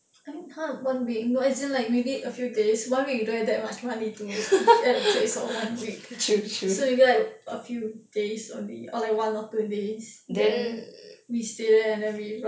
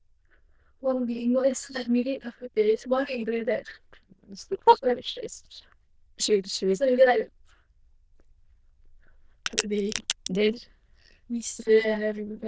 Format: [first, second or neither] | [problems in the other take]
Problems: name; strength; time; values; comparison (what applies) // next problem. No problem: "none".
first | noise reduction (neural diffusion model UNIVERSE++)